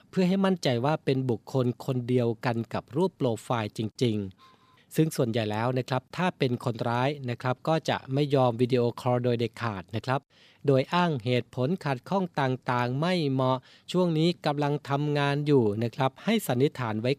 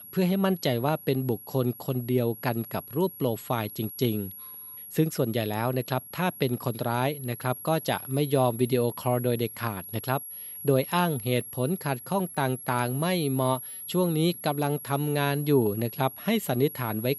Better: first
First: none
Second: high-pitched whine; noticeable; throughout; 11.5 kHz, 10 dB below the speech

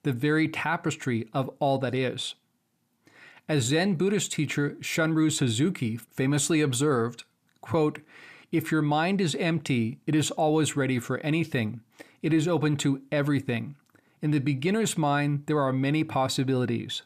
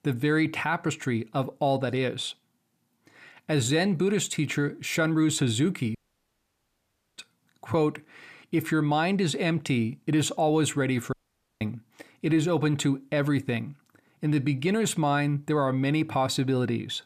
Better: first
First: none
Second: audio cutting out; at 6 s for 1 s and at 11 s

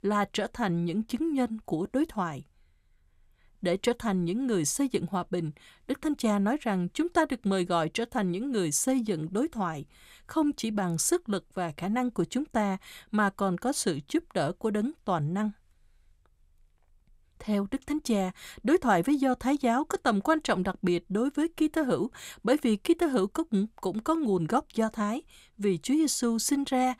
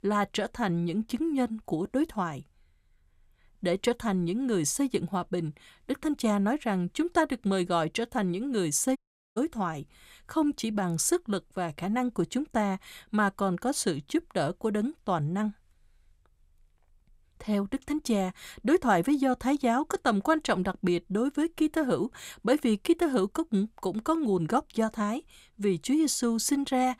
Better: first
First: none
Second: audio cutting out; at 9 s

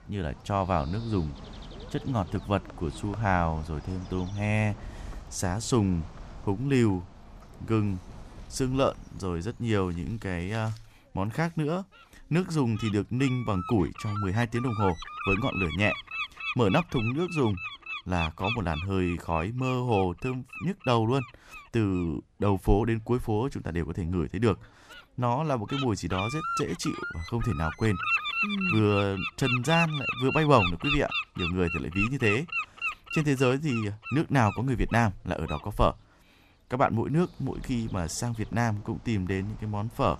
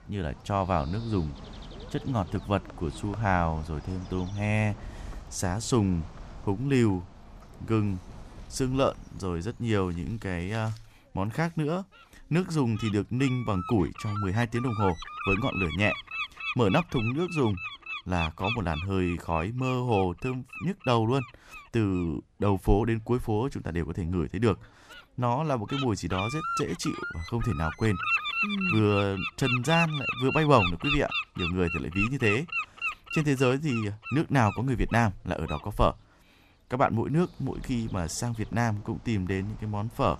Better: neither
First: animal sounds; loud; throughout; 6 dB below the speech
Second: animal sounds; loud; throughout; 6 dB below the speech

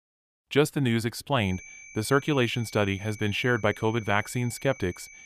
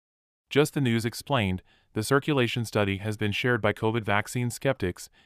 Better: second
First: high-pitched whine; noticeable; from 1.5 s on; 2.5 kHz, 20 dB below the speech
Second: none

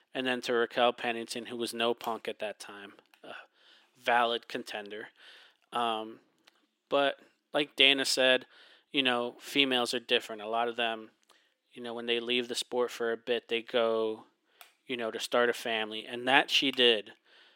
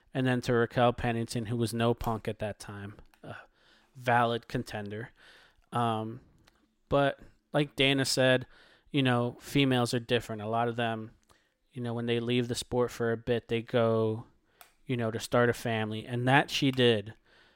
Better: second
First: thin; somewhat; fading below 300 Hz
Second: none

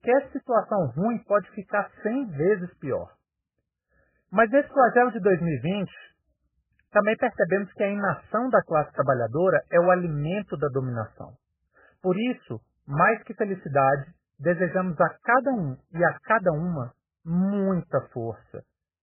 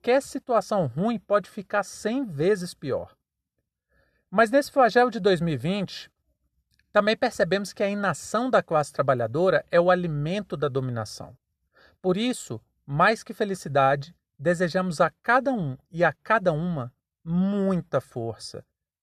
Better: second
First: garbled, watery; badly; nothing above 3 kHz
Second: none

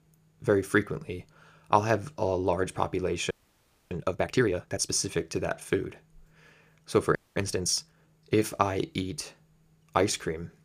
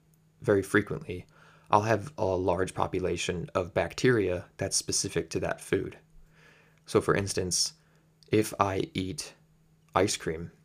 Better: second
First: audio freezing; at 3.5 s for 0.5 s and at 7 s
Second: none

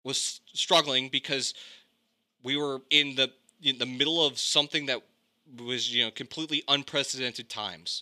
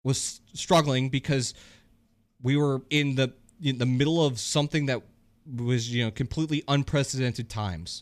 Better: second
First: thin; somewhat; fading below 350 Hz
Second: none

